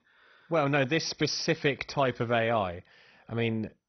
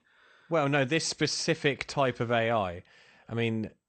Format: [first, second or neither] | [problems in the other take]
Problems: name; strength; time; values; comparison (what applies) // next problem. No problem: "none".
second | garbled, watery; badly; nothing above 6 kHz; slightly in the second